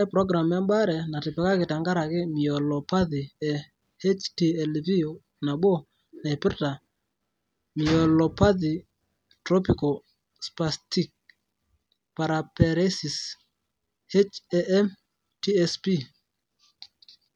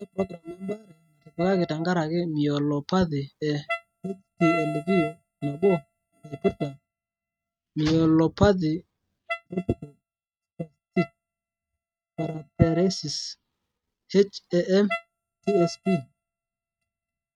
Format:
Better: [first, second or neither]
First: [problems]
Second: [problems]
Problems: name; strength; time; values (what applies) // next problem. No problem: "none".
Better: first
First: none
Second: noise reduction (neural mask model RNNoise)